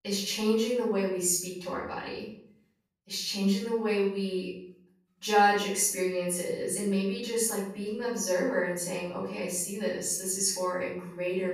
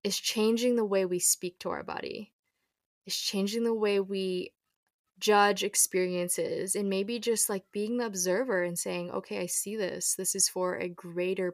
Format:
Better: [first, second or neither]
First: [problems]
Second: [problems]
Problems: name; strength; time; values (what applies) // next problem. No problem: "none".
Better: second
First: off-mic speech; far // room echo; noticeable; dies away in 0.6 s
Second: none